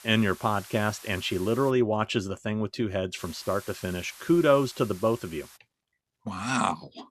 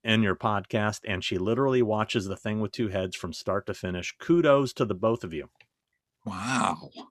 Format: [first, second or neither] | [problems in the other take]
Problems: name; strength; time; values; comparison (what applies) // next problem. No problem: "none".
second | hiss; noticeable; until 1.5 s and from 3 to 5.5 s; 20 dB below the speech